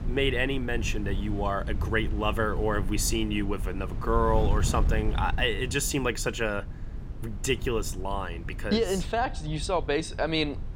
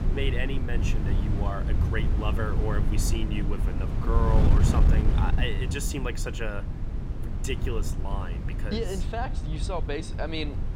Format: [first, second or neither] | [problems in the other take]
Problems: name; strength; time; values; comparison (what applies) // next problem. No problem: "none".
first | wind noise on the microphone; heavy; 5 dB below the speech; occasional gusts in the first